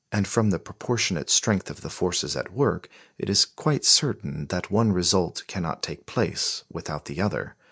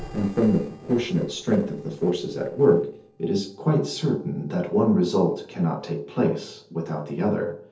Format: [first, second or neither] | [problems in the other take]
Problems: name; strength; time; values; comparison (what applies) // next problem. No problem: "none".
first | noise reduction (neural separator model SepFormer DNS4)